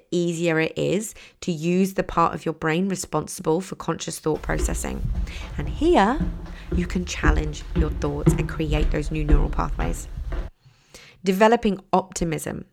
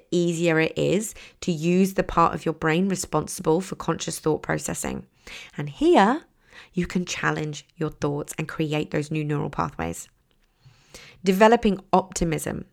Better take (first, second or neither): second